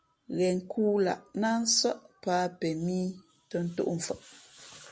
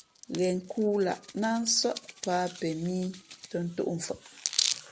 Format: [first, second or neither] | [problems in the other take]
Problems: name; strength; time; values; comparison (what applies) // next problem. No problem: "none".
first | background sound (Hands); 8 dB below the speech